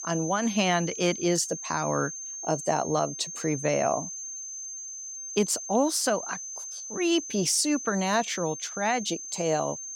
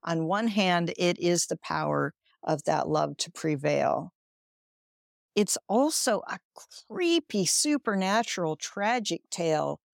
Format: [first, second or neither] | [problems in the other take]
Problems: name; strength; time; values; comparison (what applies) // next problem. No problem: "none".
second | high-pitched whine; loud; throughout; 6.5 kHz, 8 dB below the speech